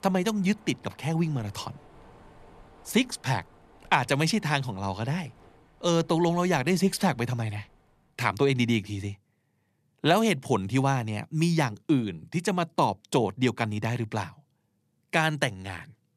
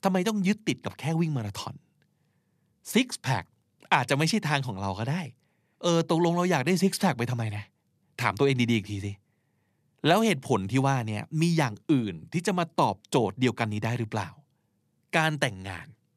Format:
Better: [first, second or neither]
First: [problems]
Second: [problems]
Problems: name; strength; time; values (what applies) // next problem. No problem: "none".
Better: second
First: machinery noise; faint; until 8 s; 30 dB below the speech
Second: none